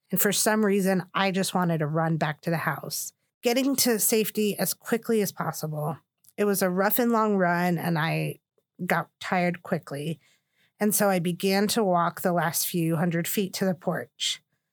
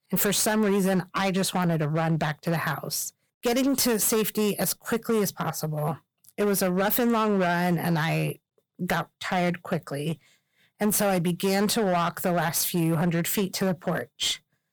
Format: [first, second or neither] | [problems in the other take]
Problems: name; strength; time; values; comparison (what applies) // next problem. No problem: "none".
first | distortion; slight; 15% of the sound clipped